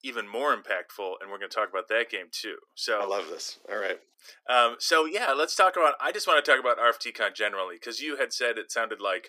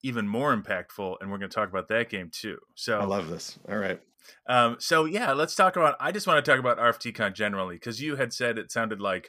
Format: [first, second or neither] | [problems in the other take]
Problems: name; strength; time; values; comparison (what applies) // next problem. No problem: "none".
second | thin; very; fading below 300 Hz